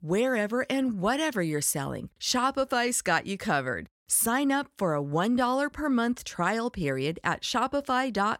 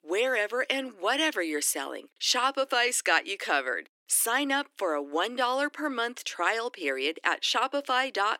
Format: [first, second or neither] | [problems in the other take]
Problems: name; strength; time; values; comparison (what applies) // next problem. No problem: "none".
first | thin; somewhat; fading below 300 Hz